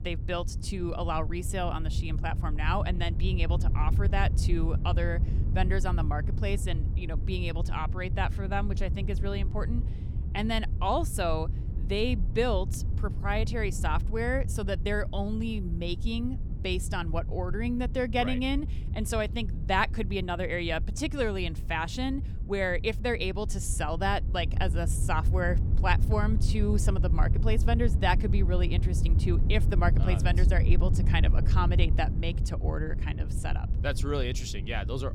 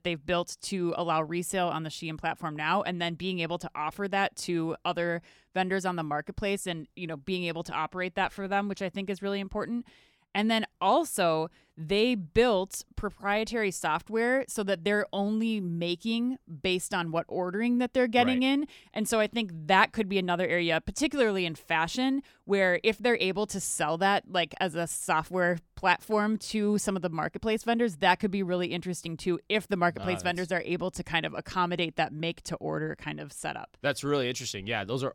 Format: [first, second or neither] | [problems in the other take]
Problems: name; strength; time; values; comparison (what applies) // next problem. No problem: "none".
second | wind noise on the microphone; occasional gusts; 15 dB below the speech